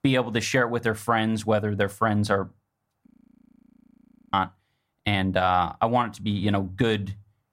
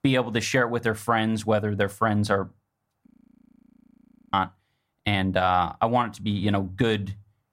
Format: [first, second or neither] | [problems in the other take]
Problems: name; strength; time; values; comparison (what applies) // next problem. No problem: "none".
neither | audio freezing; at 3 s for 1.5 s; the same in both